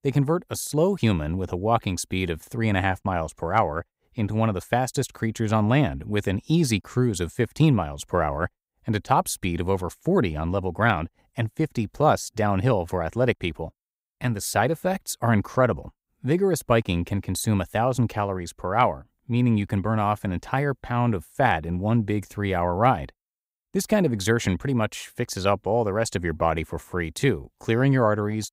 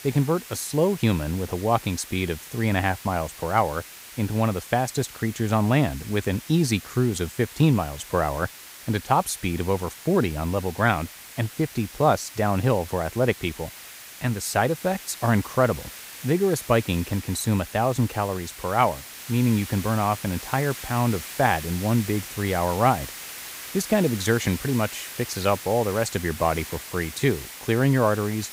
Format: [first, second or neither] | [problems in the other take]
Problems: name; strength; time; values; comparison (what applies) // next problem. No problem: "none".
first | hiss; noticeable; throughout; 15 dB below the speech